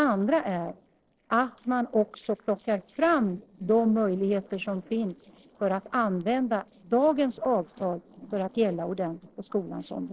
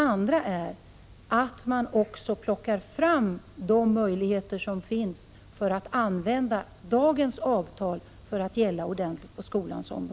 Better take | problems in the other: second | noise reduction (neural separator model SepFormer DNS4)

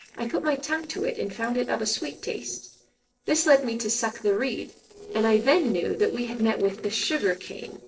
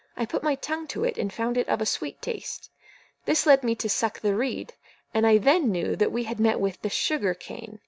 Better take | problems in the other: second | noise reduction (neural separator model SepFormer DNS4)

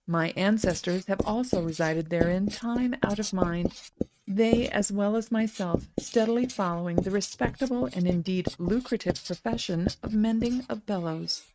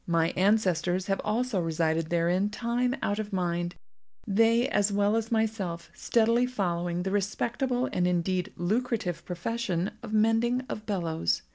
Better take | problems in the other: second | noise reduction (neural mask model RNNoise)

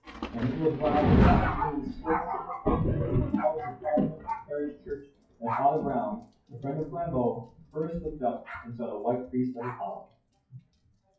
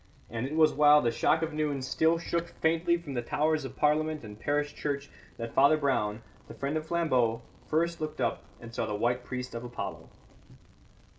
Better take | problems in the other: second | noise reduction (classical method WPE with log-MMSE)

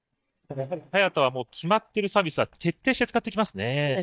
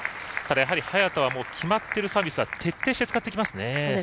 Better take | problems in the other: second | noise reduction (neural mask model DeepFilterNet 3)

